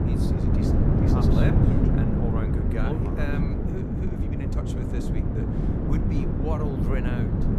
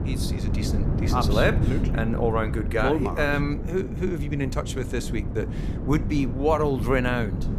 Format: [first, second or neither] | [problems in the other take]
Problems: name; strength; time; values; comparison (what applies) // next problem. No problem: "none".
second | wind noise on the microphone; heavy; 5 dB above the speech; occasional gusts in the second